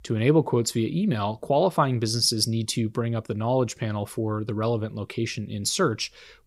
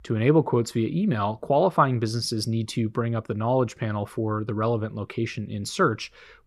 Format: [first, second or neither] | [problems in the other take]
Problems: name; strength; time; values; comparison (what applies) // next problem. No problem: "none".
first | muffled; slightly; fading above 3.5 kHz